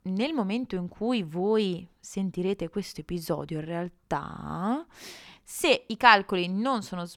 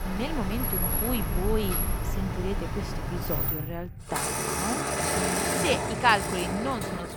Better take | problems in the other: first | traffic noise; very loud; throughout; 2 dB above the speech

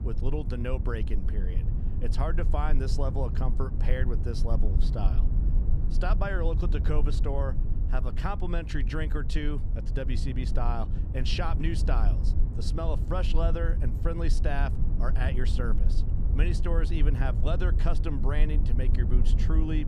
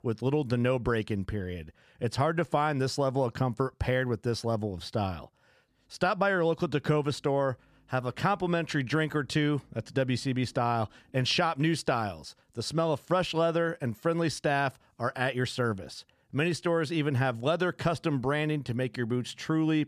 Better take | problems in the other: second | low rumble; loud; throughout; 9 dB below the speech

